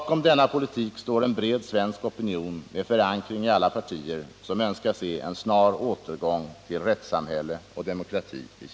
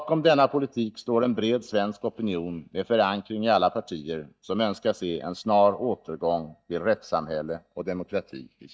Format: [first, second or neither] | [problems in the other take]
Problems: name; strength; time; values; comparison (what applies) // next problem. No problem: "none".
first | noise reduction (neural mask model DeepFilterNet 3)